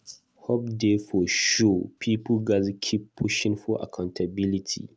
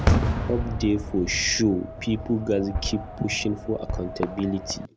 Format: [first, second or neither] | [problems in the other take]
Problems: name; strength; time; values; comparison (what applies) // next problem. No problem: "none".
first | background sound (Fireworks); 2 dB below the speech